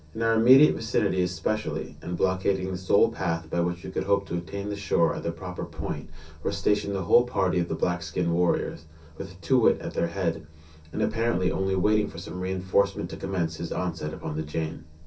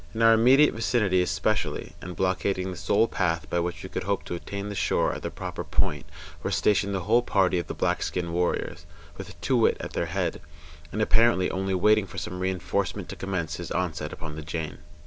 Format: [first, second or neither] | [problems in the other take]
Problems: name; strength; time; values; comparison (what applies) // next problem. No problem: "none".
second | room echo; dies away in 0.3 s